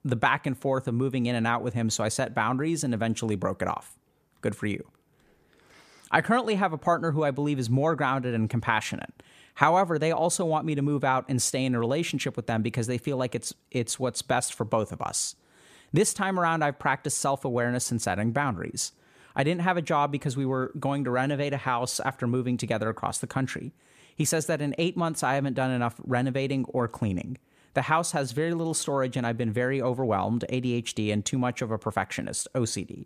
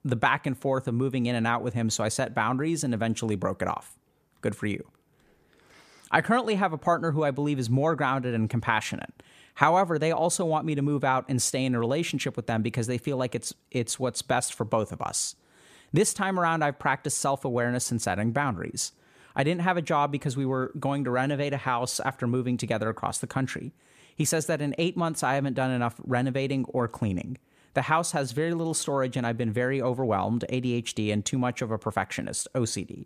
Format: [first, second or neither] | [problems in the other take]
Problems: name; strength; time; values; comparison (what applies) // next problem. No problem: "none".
neither | none